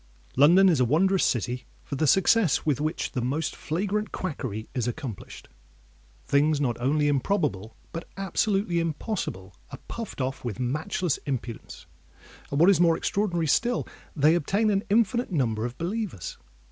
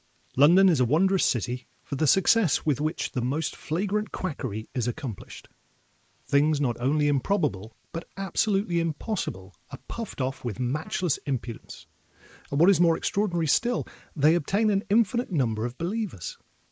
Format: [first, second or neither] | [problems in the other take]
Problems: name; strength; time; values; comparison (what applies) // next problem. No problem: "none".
first | noise reduction (neural mask model Resemble Enhance denoiser)